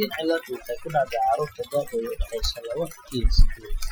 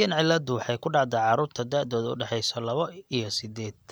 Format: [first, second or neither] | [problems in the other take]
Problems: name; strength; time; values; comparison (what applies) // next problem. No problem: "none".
second | noise reduction (classical method Wiener filter)